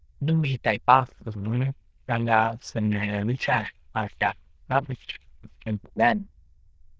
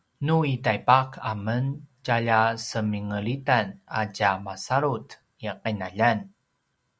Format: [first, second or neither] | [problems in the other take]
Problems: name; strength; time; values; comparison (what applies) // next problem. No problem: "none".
second | noise reduction (neural diffusion model UNIVERSE++)